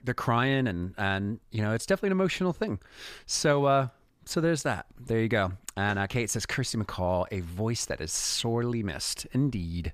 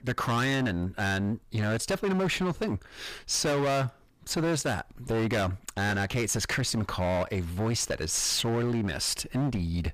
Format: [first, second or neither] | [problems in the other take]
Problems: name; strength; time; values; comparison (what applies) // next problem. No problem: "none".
first | distortion; heavy; 19% of the sound clipped